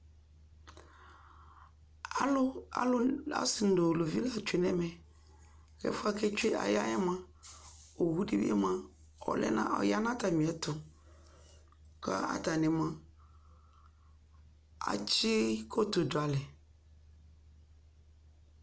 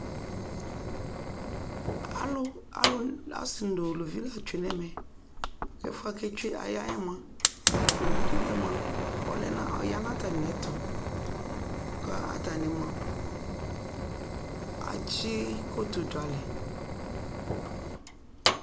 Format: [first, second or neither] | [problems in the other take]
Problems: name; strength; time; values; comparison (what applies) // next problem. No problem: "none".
first | background sound (Fire); 4 dB above the speech